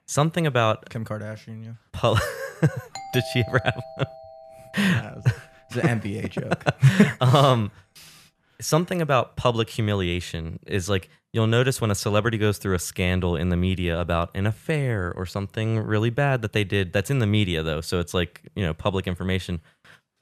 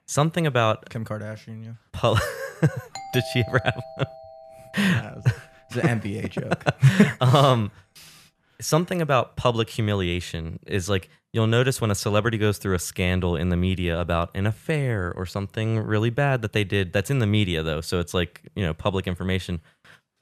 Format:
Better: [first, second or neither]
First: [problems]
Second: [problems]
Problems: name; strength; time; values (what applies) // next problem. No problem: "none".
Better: neither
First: doorbell; faint; from 3 to 5 s; peak 10 dB below the speech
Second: doorbell; faint; from 3 to 5 s; peak 10 dB below the speech